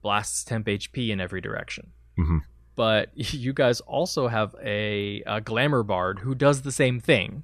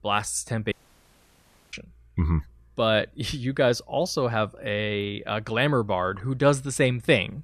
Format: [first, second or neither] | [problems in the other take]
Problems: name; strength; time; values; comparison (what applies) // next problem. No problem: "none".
first | audio cutting out; at 0.5 s for 1 s